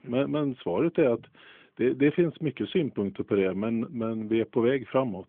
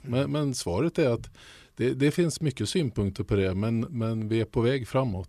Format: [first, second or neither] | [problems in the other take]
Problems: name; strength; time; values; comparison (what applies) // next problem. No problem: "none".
second | phone-call audio; nothing above 3.5 kHz